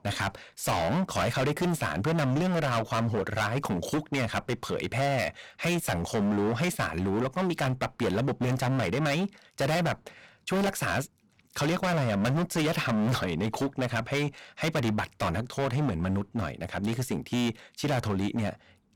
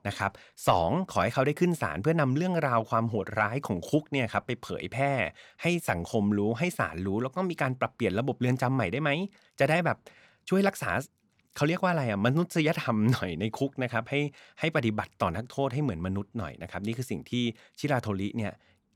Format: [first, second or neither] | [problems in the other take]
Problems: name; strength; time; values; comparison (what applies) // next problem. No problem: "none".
second | distortion; heavy; 22% of the sound clipped